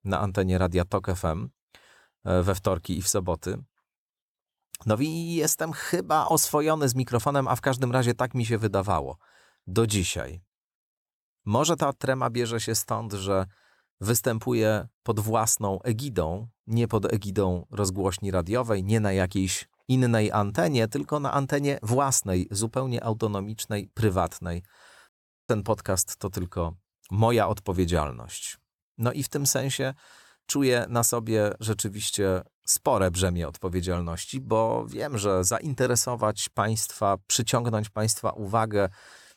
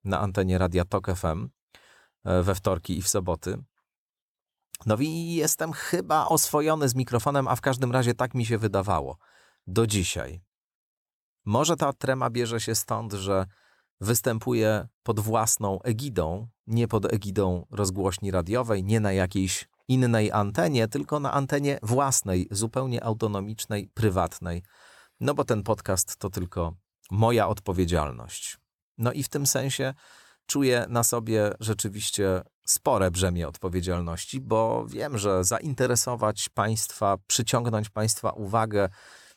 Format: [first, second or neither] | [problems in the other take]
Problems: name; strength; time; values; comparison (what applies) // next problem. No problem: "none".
second | audio cutting out; at 25 s